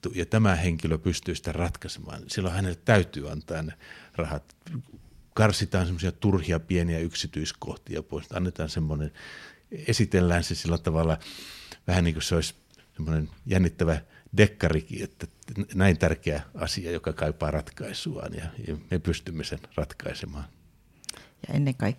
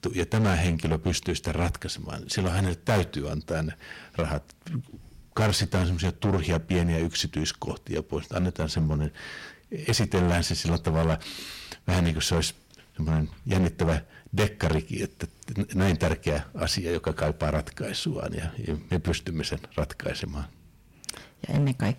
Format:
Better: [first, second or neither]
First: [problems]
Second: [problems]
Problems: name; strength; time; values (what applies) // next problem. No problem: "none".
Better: first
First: none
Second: distortion; heavy; 8% of the sound clipped